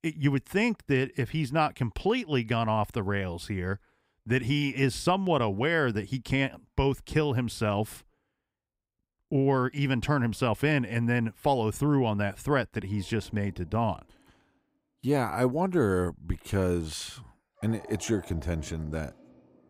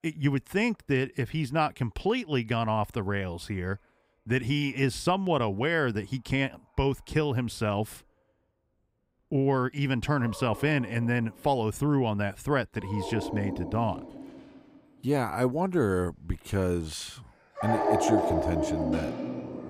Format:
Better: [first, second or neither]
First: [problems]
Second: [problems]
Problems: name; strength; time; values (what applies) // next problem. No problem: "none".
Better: first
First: animal sounds; faint; throughout; 25 dB below the speech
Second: animal sounds; loud; throughout; 3 dB below the speech